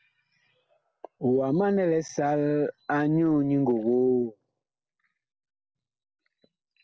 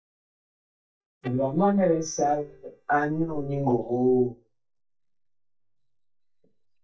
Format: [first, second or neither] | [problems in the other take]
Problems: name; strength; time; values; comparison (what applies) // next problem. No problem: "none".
first | noise reduction (neural mask model DeepFilterNet 3)